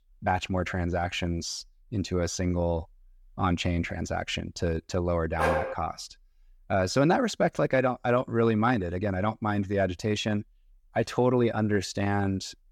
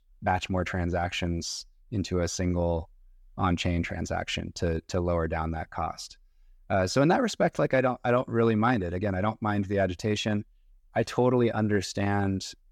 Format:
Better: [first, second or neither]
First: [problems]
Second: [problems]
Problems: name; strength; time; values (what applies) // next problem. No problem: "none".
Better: second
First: dog barking; loud; at 5.5 s; peak level with the speech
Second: none